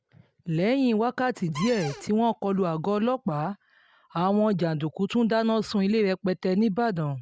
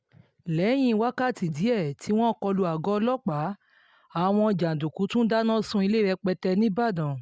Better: second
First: background sound (Cupboard open or close); 12 dB below the speech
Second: none

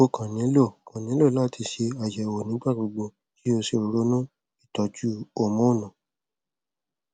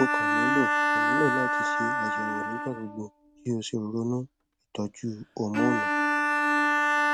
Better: first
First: none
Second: noise reduction (neural mask model RNNoise)

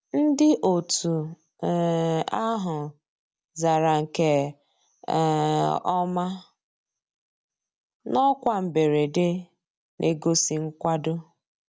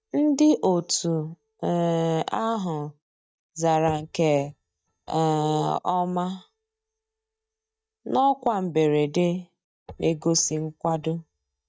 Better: first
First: none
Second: noise reduction (neural mask model DeepFilterNet 3)

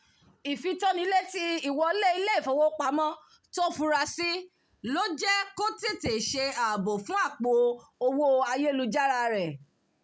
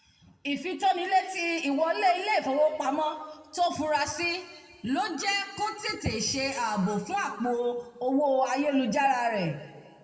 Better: first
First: none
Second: room echo; dies away in 1.5 s

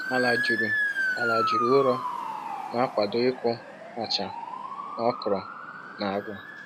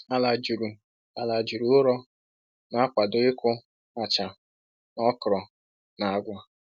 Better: second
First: background sound (Motor vehicle (road) / Siren); 2 dB below the speech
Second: none

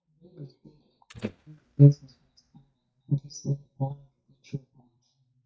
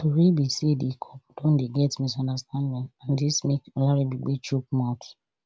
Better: second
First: noise reduction (neural mask model DeepFilterNet 3)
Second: none

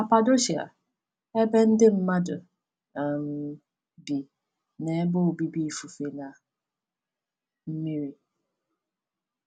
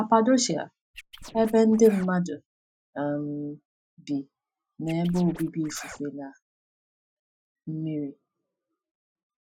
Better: first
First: none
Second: noise reduction (classical method Wiener filter)

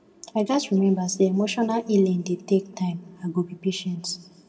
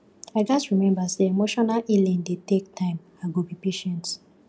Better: second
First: room echo; dies away in 1.3 s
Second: none

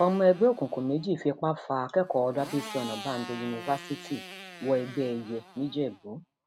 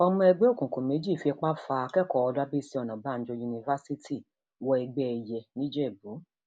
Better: second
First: background sound (Motorcycle); 16 dB below the speech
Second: none

